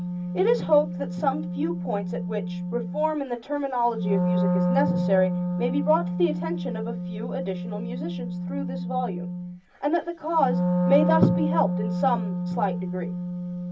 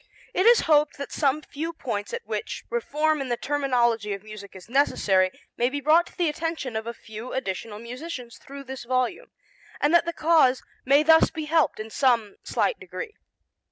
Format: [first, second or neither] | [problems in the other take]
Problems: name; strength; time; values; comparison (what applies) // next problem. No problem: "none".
second | background sound (Wind instrument, woodwind instrument); as loud as the speech // room echo; dies away in 0.4 s